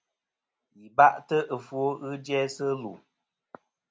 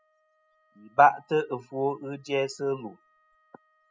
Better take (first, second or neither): first